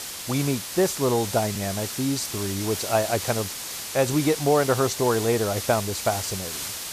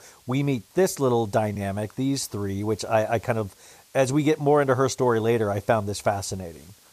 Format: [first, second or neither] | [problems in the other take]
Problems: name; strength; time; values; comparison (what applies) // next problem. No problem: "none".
second | hiss; loud; throughout; 6 dB below the speech; faint in the second